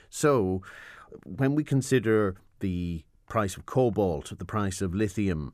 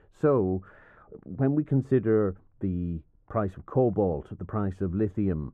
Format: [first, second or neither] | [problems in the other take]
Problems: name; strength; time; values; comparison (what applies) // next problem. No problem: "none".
first | muffled; very; fading above 2.5 kHz